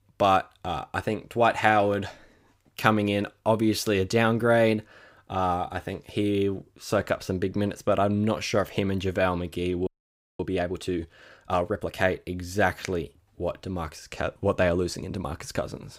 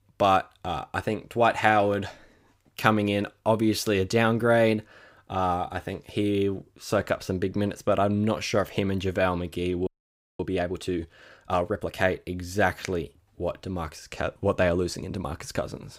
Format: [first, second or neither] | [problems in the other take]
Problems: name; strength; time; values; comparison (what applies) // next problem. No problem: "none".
neither | audio freezing; at 10 s for 0.5 s; the same in both